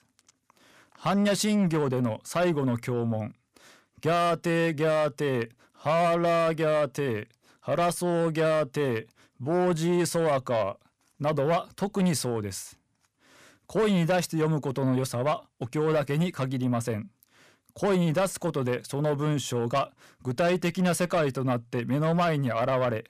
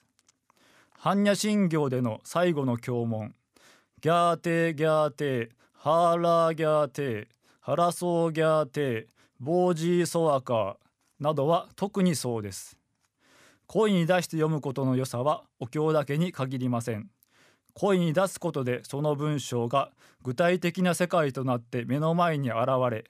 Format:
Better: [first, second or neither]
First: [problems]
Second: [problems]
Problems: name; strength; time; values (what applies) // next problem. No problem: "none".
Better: second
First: distortion; slight; 10 dB below the speech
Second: none